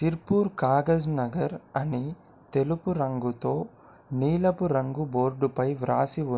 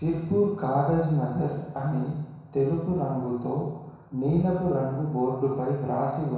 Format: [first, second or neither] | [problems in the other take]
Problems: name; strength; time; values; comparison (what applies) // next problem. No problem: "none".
first | room echo; dies away in 1.1 s